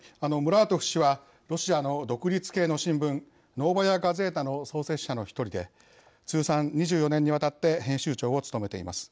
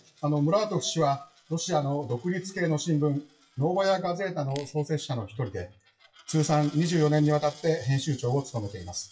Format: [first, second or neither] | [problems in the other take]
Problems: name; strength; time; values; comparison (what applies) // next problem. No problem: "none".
first | noise reduction (classical method WPE with log-MMSE)